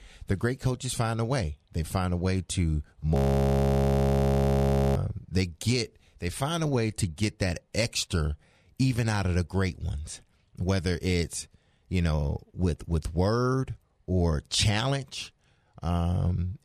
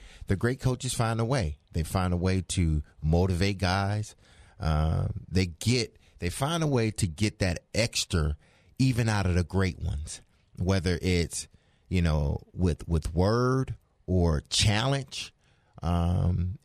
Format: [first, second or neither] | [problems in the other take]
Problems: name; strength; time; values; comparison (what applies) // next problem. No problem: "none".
second | audio freezing; at 3 s for 2 s